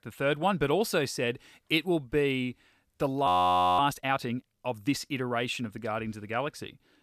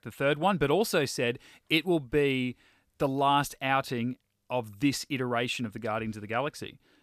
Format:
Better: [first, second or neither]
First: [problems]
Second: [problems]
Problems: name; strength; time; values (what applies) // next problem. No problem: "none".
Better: second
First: audio freezing; at 3.5 s for 0.5 s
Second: none